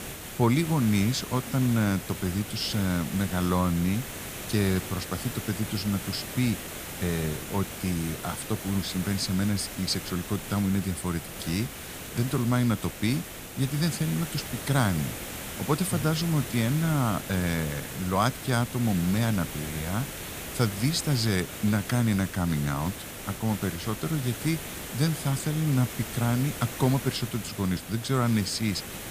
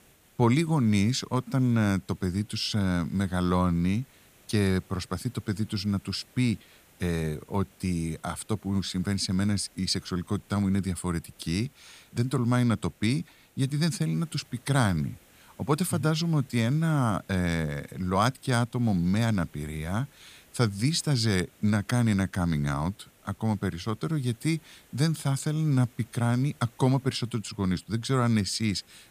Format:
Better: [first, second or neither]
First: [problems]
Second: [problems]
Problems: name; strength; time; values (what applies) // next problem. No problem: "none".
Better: second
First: hiss; loud; throughout; 8 dB below the speech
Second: hiss; faint; throughout; 30 dB below the speech